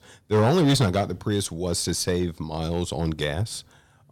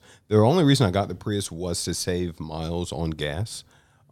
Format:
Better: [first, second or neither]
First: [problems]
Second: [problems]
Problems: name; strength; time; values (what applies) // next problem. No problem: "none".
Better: second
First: distortion; slight; 5% of the sound clipped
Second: none